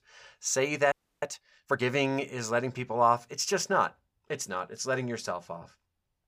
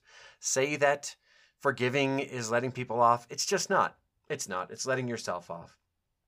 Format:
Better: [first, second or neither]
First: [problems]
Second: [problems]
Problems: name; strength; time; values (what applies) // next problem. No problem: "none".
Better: second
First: audio freezing; at 1 s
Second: none